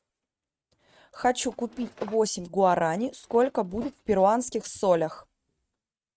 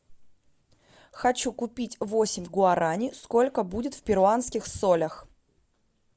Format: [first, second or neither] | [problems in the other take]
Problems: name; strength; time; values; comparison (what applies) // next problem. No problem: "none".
second | noise reduction (neural mask model RNNoise)